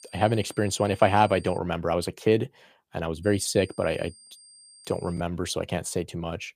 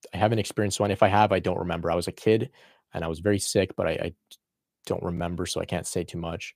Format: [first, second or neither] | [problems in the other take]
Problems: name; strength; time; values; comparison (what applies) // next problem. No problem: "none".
second | high-pitched whine; faint; until 1.5 s and from 3 to 5 s; 5 kHz, 25 dB below the speech